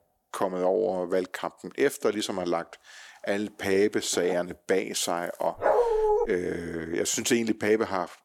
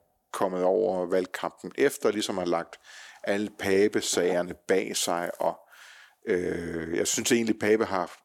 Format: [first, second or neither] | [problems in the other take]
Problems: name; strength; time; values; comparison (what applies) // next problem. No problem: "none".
second | dog barking; loud; at 5.5 s; peak 4 dB above the speech